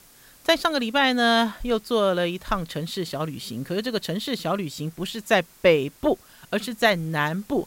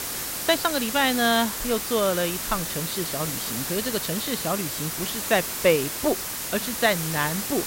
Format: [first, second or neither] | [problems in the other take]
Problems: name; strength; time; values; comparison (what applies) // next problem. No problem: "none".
first | hiss; loud; throughout; 3 dB below the speech; faint in the first